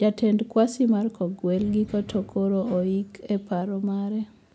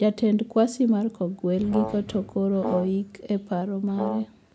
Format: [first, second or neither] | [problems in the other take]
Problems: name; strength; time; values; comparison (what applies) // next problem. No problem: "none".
first | background sound (Brass instrument); 9 dB below the speech